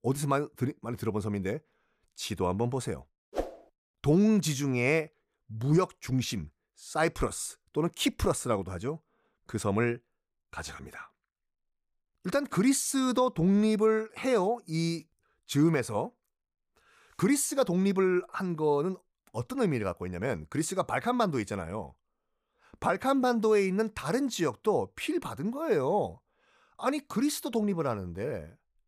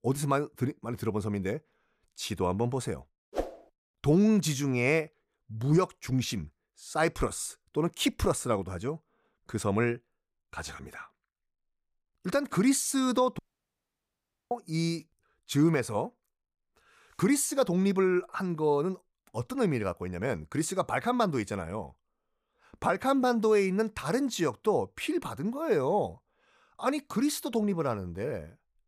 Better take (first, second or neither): first